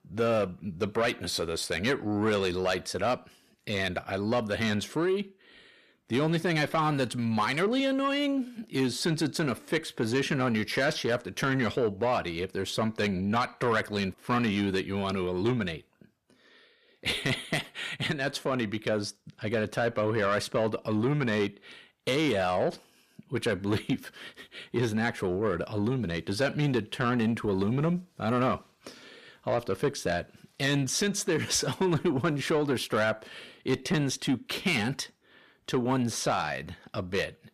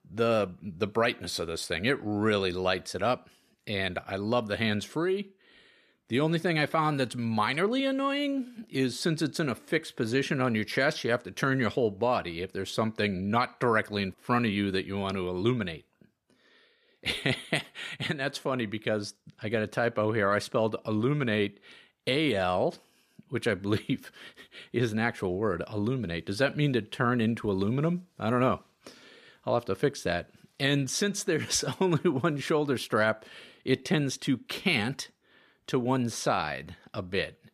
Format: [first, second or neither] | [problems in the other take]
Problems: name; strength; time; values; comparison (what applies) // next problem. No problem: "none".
second | distortion; slight; 10 dB below the speech